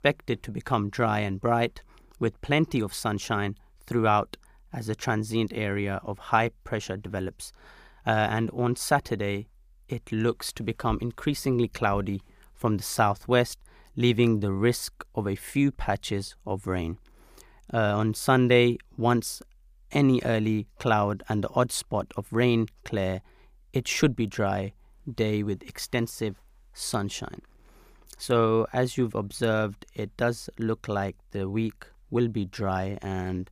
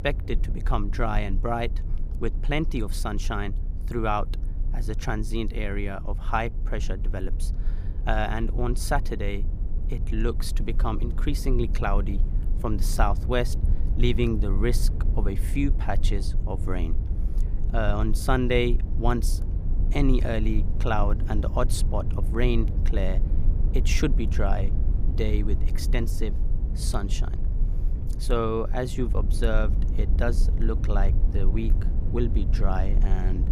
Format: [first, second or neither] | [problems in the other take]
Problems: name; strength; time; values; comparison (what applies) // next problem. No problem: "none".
first | low rumble; noticeable; throughout; 15 dB below the speech